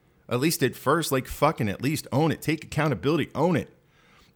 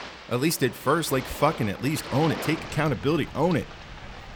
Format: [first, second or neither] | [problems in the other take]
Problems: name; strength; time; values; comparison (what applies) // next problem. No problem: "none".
first | rain or running water; noticeable; throughout; 10 dB below the speech